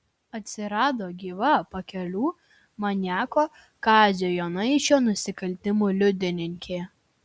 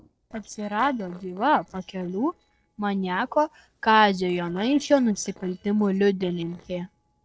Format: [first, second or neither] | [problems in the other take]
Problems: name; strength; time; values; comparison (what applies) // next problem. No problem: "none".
first | noise reduction (neural separator model SepFormer DNS4)